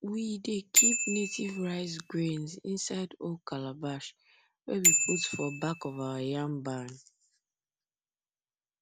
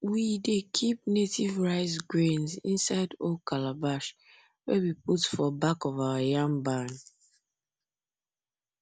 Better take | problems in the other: second | background sound (Bicycle bell); 3 dB above the speech

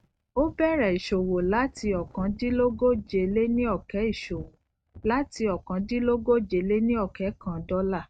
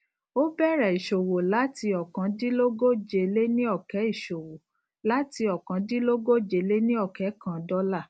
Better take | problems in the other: second | noise reduction (neural mask model RNNoise)

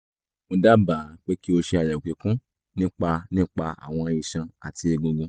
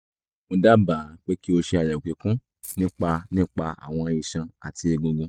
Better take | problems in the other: first | noise reduction (neural mask model RNNoise)

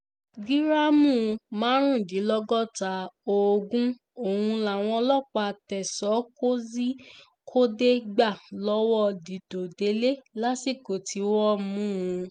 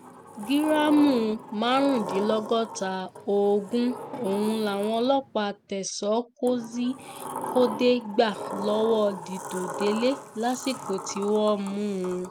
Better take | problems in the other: first | background sound (Sliding door); 11 dB below the speech

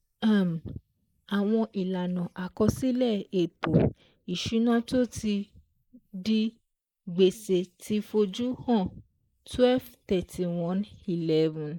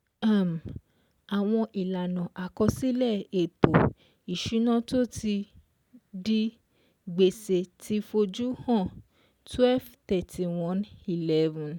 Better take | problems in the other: second | noise reduction (neural mask model Resemble Enhance denoiser)

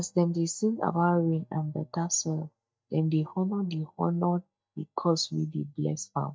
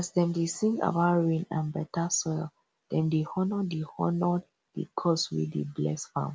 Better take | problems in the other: second | noise reduction (neural mask model DeepFilterNet 3)

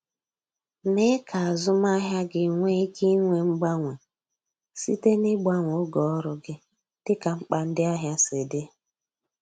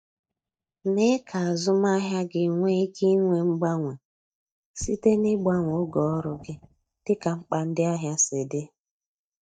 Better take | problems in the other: first | noise reduction (neural mask model DeepFilterNet 3)

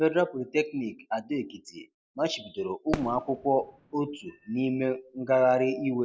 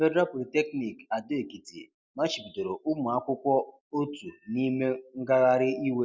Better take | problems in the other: second | background sound (Fireworks); 13 dB below the speech

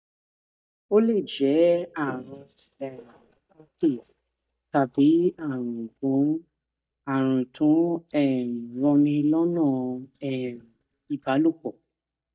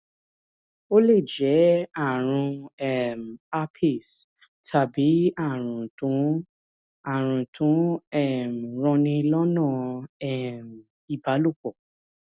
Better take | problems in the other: second | noise reduction (neural mask model DeepFilterNet 3)

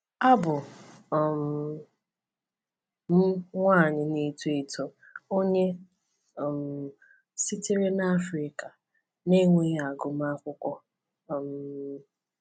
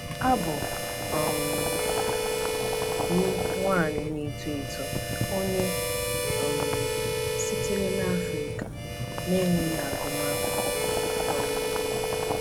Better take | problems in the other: first | background sound (Harmonica + Boiling); 3 dB above the speech

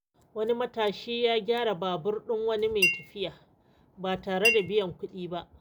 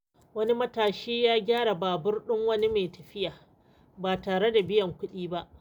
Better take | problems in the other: second | background sound (Chink, clink); 1 dB below the speech

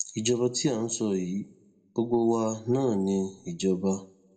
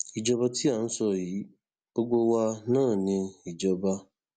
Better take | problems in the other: second | room echo; dies away in 0.4 s

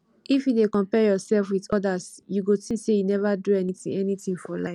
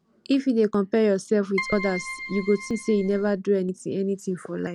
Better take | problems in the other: first | background sound (Keyboard (musical)); 11 dB below the speech

